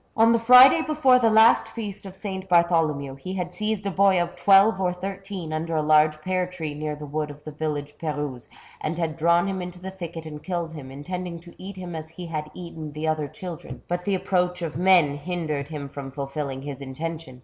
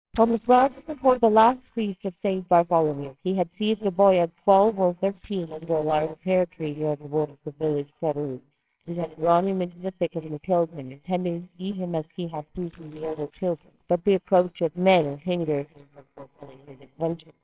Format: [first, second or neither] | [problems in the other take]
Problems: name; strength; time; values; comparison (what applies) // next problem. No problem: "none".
first | noise reduction (neural separator model SepFormer WHAMR!)